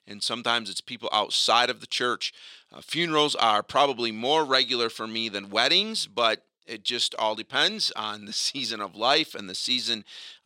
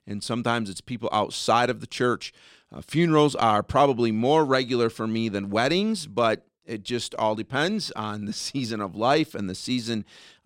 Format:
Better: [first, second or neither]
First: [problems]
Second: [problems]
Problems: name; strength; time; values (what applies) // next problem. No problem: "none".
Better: second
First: thin; somewhat; fading below 800 Hz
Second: none